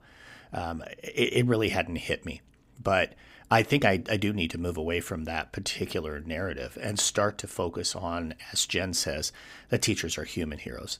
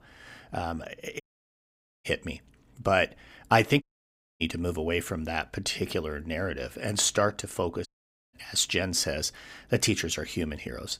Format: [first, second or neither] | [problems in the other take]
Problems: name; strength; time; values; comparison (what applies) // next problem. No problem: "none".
first | audio cutting out; at 1 s for 1 s, at 4 s for 0.5 s and at 8 s